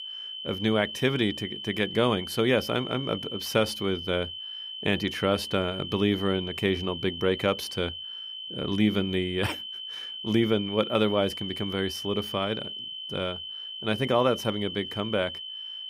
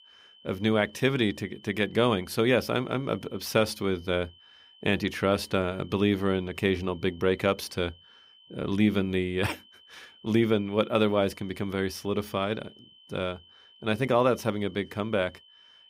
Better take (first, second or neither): second